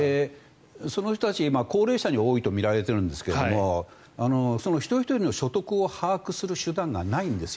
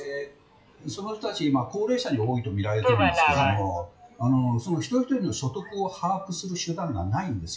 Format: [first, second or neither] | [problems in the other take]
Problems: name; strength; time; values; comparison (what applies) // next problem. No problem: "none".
first | noise reduction (classical method WPE with log-MMSE)